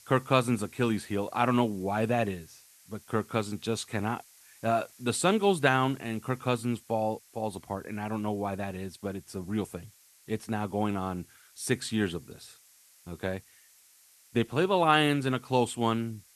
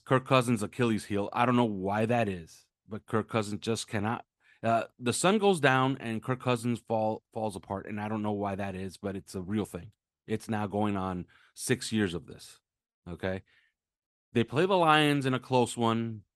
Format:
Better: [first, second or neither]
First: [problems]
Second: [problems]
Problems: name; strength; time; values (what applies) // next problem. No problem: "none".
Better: second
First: hiss; faint; throughout; 25 dB below the speech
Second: none